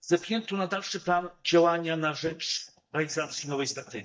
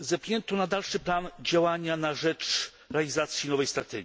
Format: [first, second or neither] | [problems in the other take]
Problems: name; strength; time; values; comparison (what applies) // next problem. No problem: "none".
second | noise reduction (neural mask model DeepFilterNet 3)